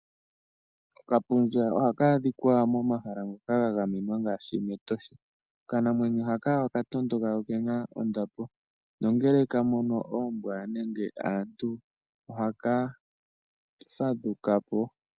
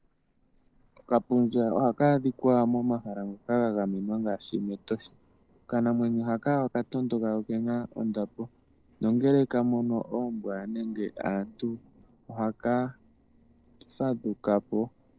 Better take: first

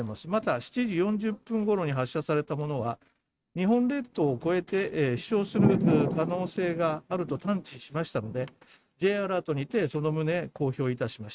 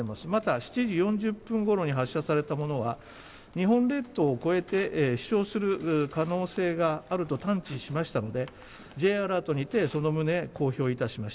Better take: second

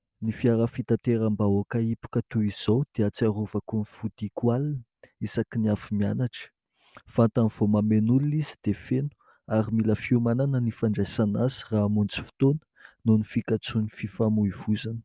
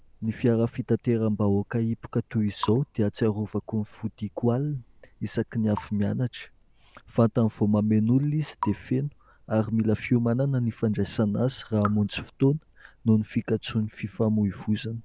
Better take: first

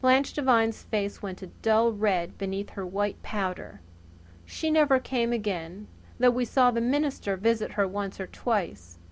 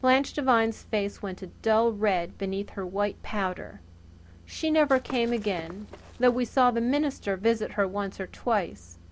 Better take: first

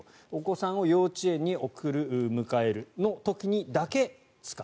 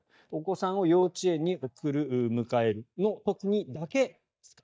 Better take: first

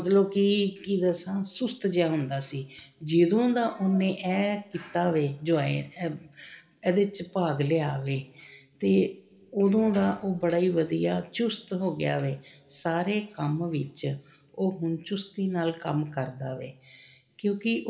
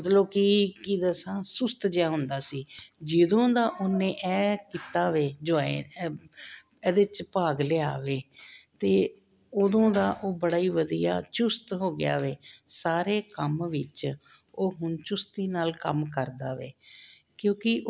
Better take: second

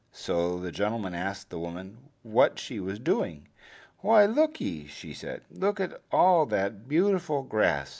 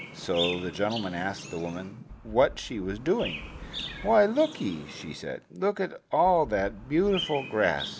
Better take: first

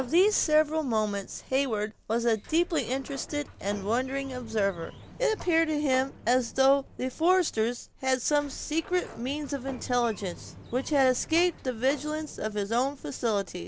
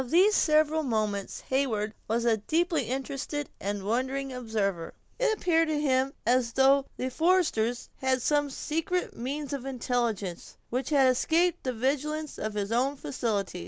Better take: second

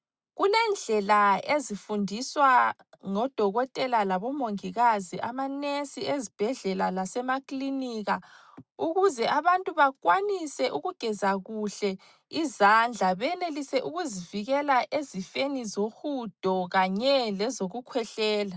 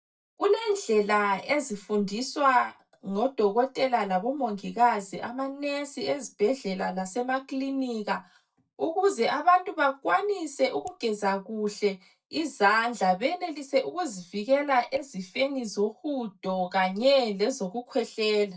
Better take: first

